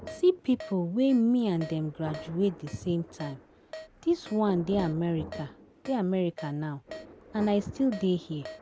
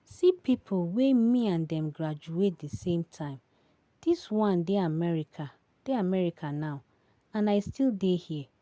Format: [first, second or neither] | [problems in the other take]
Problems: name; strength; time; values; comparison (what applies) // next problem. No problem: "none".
second | background sound (Keyboard (musical) + Thunder); 15 dB below the speech